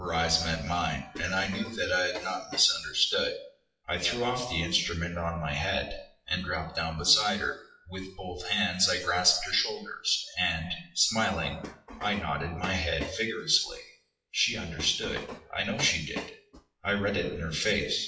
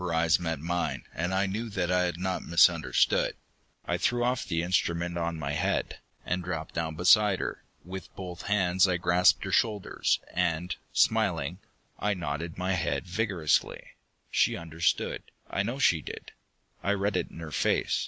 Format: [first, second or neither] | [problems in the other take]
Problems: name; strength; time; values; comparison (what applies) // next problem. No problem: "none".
second | noise reduction (classical method WPE with log-MMSE)